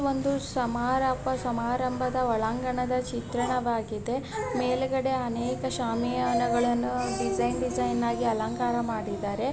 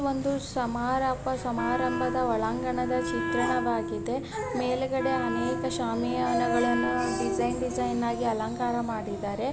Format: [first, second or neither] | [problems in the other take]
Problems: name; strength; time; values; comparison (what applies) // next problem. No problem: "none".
first | background sound (Wind instrument, woodwind instrument); 4 dB below the speech